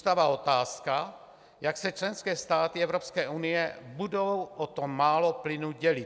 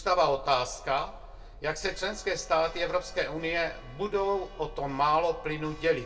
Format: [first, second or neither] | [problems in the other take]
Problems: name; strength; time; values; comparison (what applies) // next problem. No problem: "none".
first | background sound (Church bell); 15 dB below the speech // room echo; dies away in 0.2 s